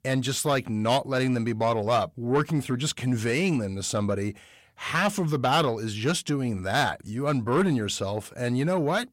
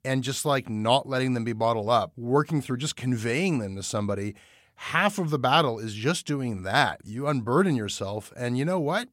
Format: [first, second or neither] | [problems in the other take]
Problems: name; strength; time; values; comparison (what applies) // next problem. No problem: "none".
second | distortion; slight; 10 dB below the speech